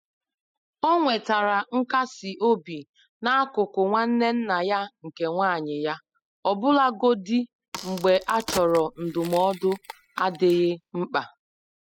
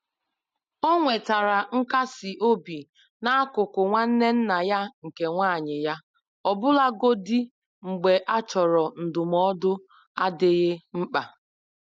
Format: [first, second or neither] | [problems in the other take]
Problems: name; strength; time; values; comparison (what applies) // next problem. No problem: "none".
second | noise reduction (classical method spectral subtraction)